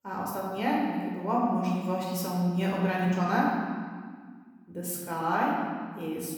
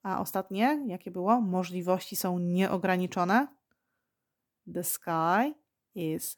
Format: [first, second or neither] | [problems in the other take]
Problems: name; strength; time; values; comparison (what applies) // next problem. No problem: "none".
second | off-mic speech; far // room echo; noticeable; dies away in 1.7 s